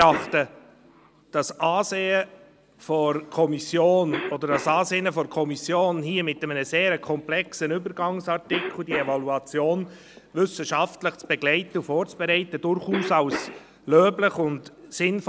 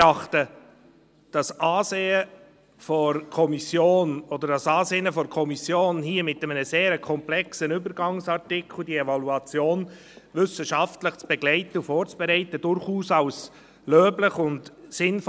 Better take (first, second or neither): second